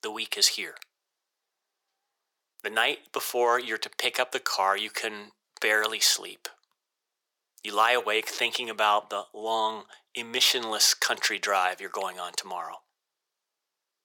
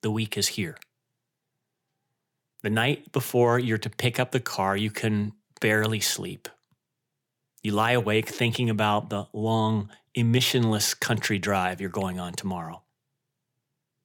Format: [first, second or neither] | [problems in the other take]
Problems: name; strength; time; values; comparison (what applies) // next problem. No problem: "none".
second | thin; very; fading below 500 Hz